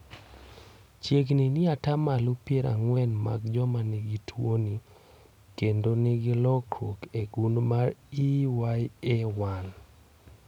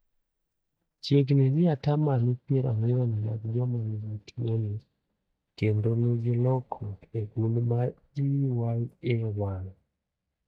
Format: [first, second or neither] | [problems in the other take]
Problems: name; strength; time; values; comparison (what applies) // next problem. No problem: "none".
first | noise reduction (neural mask model DeepFilterNet 3)